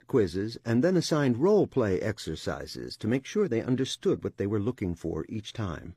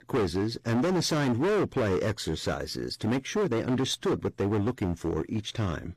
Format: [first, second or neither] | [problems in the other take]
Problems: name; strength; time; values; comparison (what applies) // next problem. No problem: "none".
first | distortion; heavy; 20% of the sound clipped